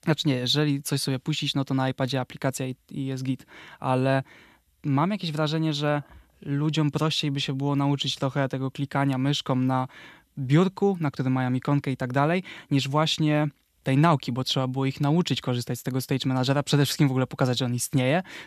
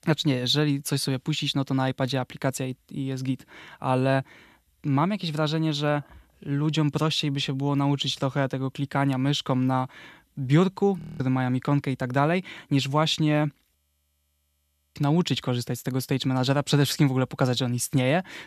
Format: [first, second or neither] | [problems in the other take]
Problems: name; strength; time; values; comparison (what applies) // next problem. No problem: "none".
first | audio freezing; at 11 s and at 14 s for 1 s